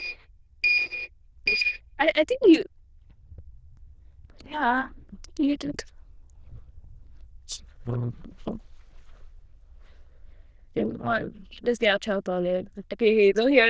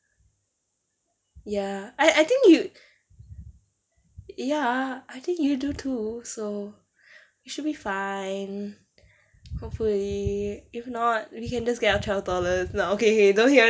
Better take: second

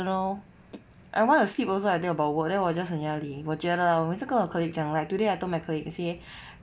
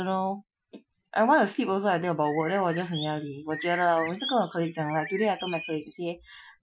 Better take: first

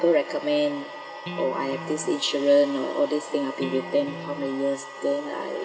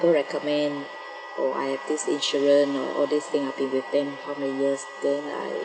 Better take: second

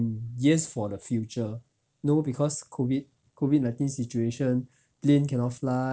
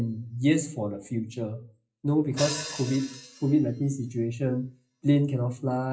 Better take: first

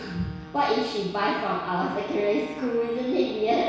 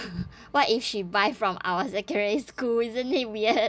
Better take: second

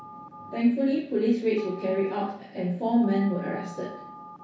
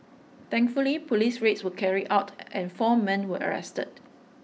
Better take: second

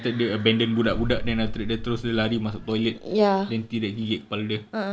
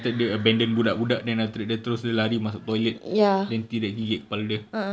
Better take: second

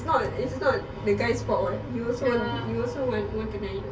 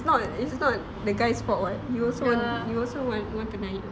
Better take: second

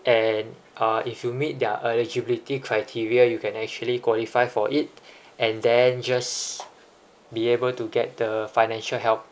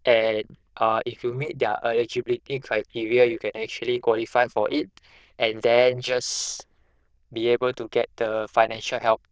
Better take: first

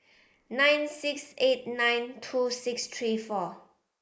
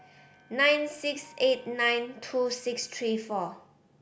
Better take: second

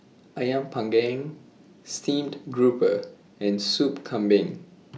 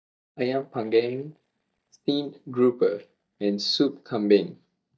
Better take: first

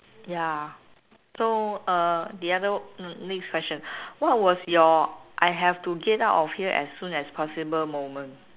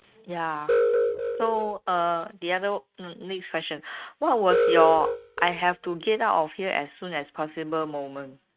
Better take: first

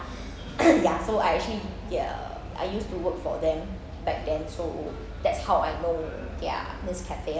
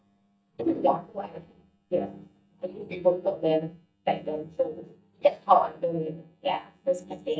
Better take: first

